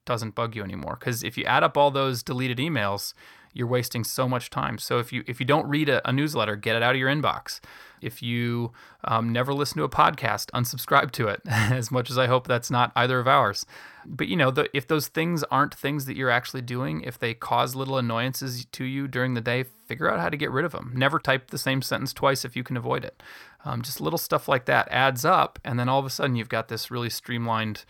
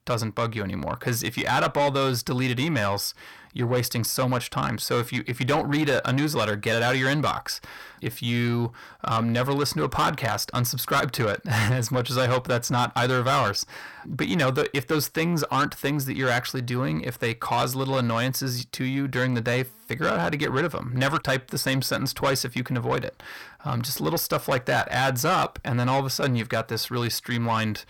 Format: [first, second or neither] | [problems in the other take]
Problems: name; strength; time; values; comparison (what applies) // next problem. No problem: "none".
first | distortion; heavy; 8 dB below the speech